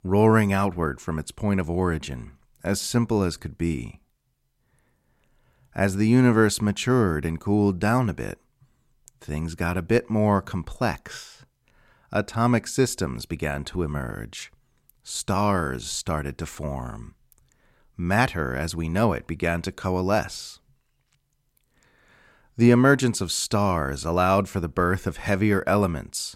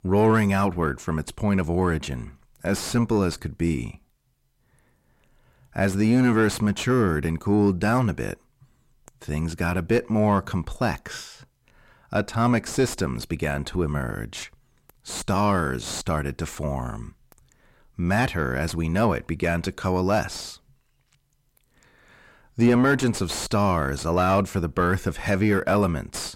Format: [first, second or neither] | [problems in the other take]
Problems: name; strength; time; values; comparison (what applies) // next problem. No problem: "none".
first | distortion; slight; 9 dB below the speech